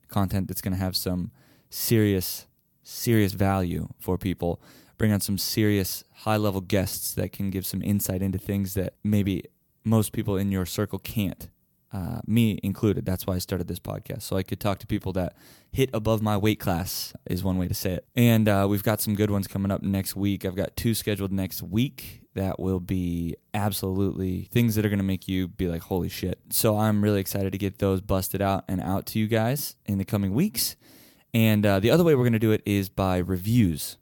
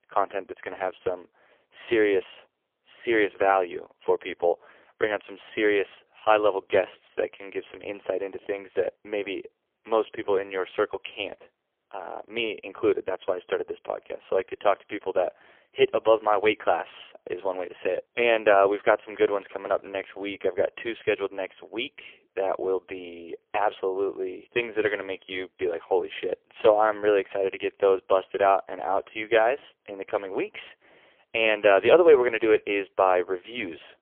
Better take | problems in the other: first | phone-call audio; poor line; nothing above 3.5 kHz

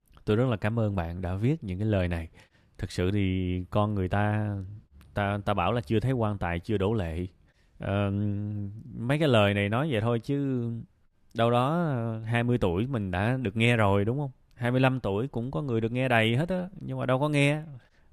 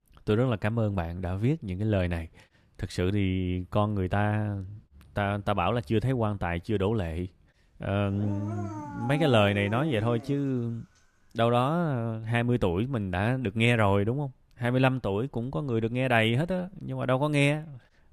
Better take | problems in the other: first | dog barking; noticeable; from 8 to 10 s; peak 7 dB below the speech

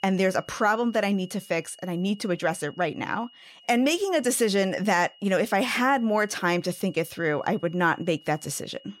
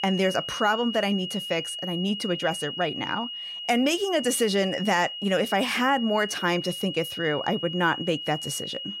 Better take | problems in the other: first | high-pitched whine; loud; throughout; 3 kHz, 7 dB below the speech; faint in the first

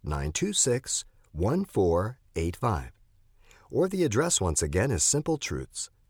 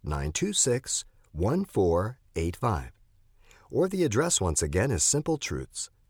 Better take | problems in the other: neither | none

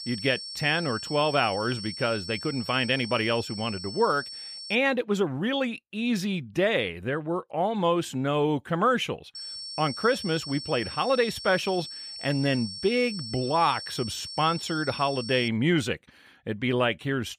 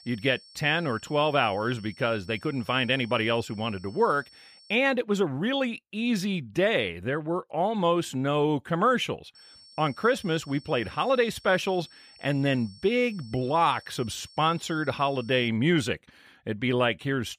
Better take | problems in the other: second | high-pitched whine; loud; until 5 s and from 9.5 to 15 s; 5.5 kHz, 9 dB below the speech; faint in the second

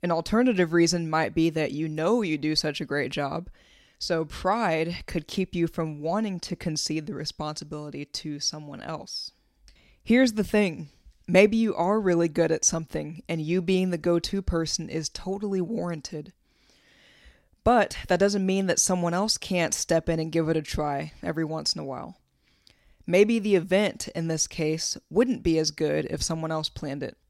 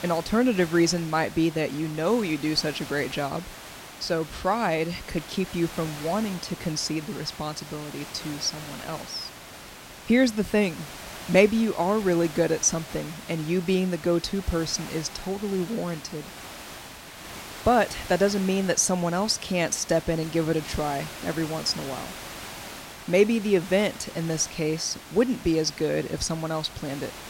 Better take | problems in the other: first | hiss; noticeable; throughout; 15 dB below the speech

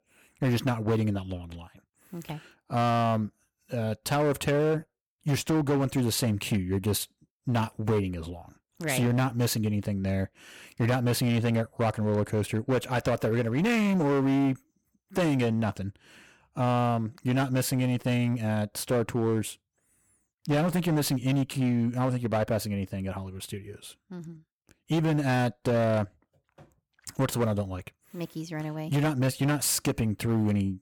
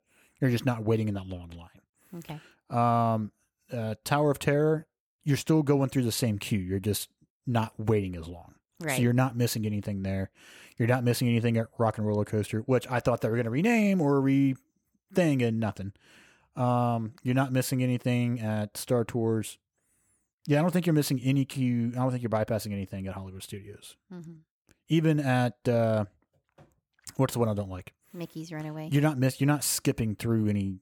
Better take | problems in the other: second | distortion; slight; 11% of the sound clipped

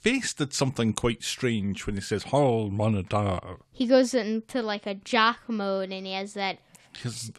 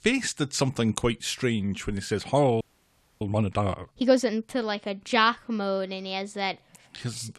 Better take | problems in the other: first | audio freezing; at 2.5 s for 0.5 s

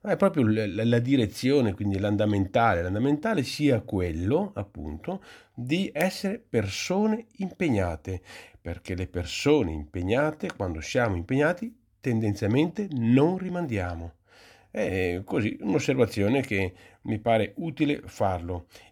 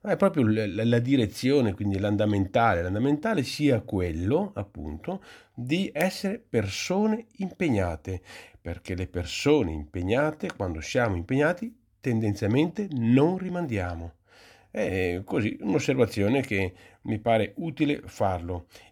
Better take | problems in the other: neither | none

